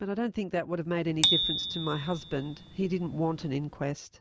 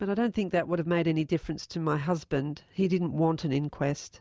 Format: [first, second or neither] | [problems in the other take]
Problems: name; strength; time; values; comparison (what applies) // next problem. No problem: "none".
second | background sound (Bicycle bell); 2 dB below the speech